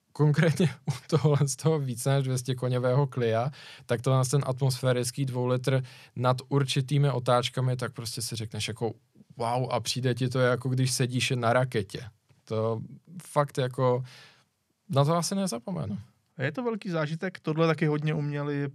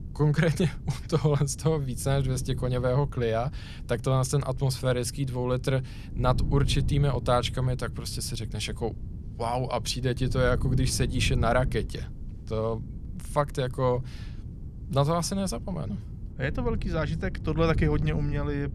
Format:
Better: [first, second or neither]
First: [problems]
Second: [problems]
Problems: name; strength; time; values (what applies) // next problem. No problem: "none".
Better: first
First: none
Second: wind noise on the microphone; occasional gusts; 20 dB below the speech